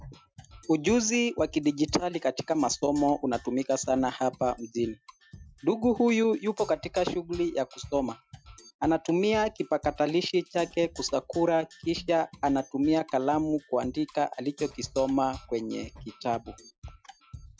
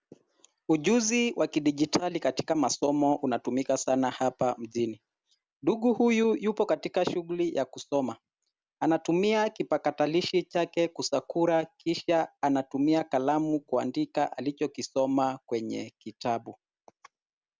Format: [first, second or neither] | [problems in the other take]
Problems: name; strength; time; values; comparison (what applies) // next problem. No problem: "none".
second | noise reduction (classical method Wiener filter)